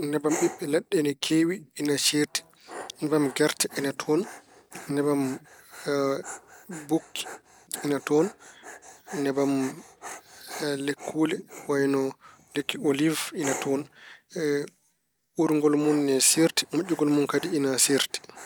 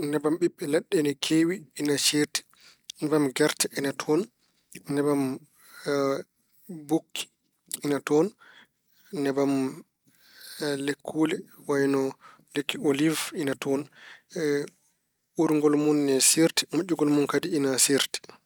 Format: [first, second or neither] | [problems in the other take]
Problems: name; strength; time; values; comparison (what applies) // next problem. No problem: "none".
second | background sound (Dog); 17 dB below the speech